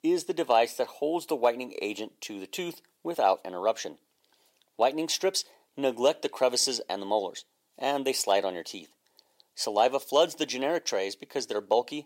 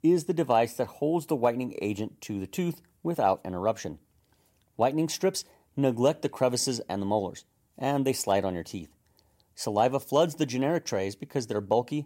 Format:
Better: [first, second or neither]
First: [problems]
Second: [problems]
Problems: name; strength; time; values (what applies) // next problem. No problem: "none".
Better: second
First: thin; somewhat; fading below 450 Hz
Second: none